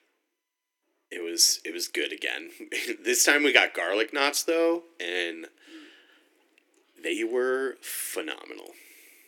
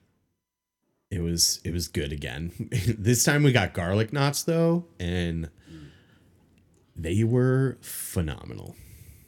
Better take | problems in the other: second | thin; very; fading below 300 Hz

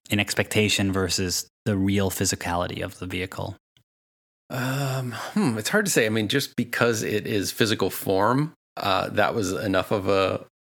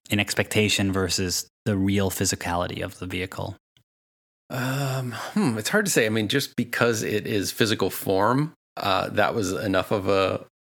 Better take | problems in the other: neither | none

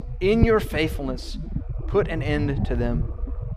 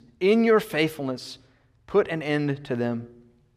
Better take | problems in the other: second | low rumble; noticeable; throughout; 15 dB below the speech

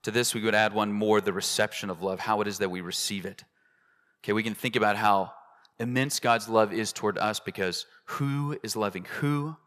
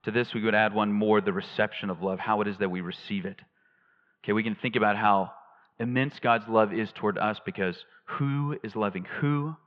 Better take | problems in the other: first | muffled; very; fading above 3 kHz

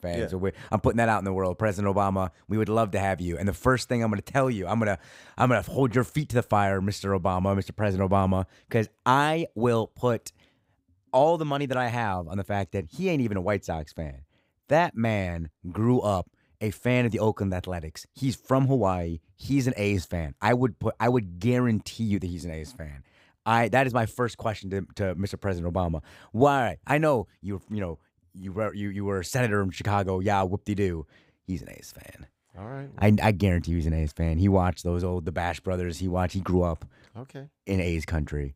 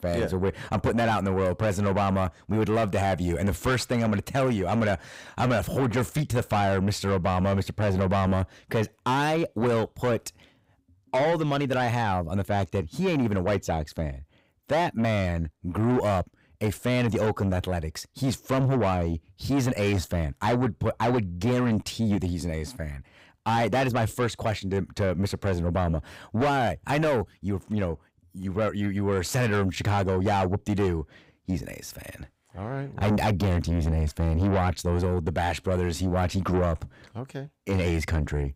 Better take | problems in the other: first | distortion; heavy; 7 dB below the speech

